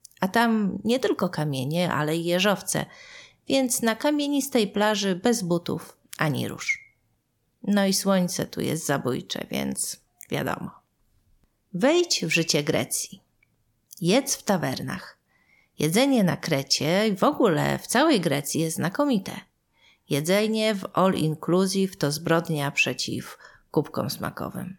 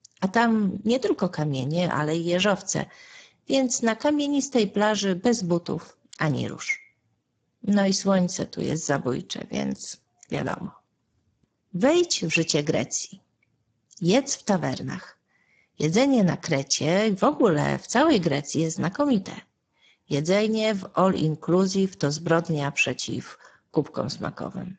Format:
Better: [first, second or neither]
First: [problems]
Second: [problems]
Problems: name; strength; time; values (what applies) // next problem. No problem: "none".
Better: first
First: none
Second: garbled, watery; badly; nothing above 7.5 kHz